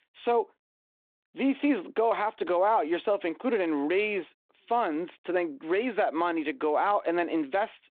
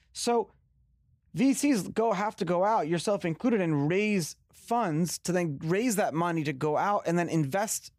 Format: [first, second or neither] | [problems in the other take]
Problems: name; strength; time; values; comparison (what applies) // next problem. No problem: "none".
second | phone-call audio; nothing above 3.5 kHz